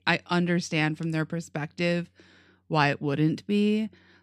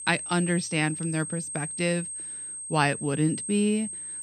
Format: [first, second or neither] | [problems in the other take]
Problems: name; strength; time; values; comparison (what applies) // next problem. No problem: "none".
first | high-pitched whine; loud; throughout; 8.5 kHz, 6 dB below the speech